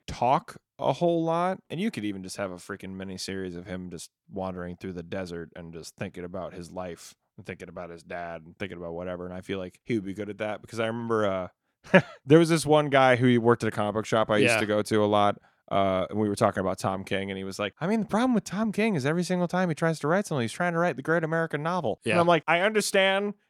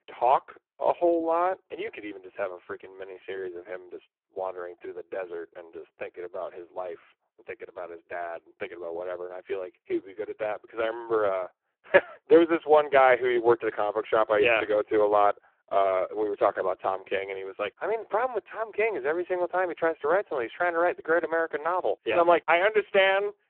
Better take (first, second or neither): first